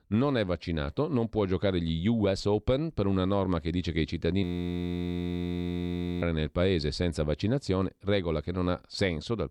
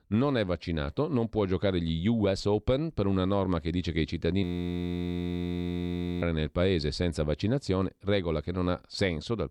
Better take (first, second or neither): neither